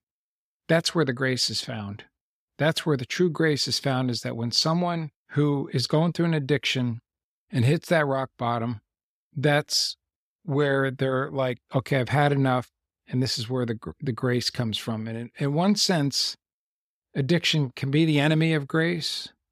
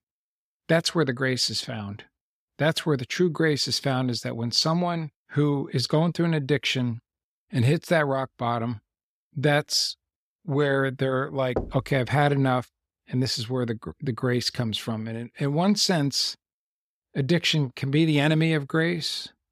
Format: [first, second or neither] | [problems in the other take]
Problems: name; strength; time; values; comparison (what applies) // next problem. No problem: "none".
first | door banging; noticeable; at 12 s; peak 8 dB below the speech